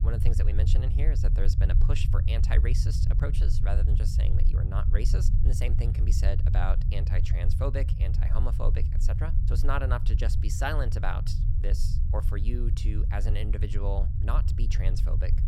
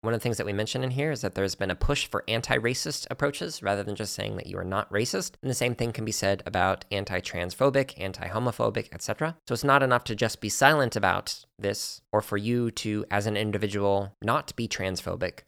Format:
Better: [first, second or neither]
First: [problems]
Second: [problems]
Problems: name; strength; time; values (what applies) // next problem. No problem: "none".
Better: second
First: low rumble; loud; throughout; 6 dB below the speech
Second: none